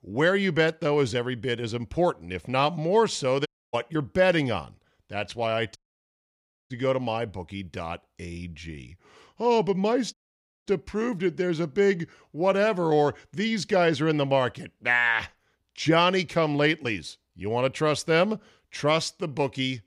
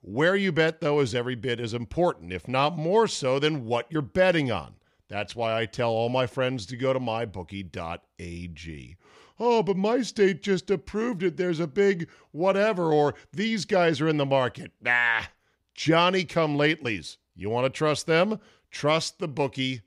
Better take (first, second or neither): second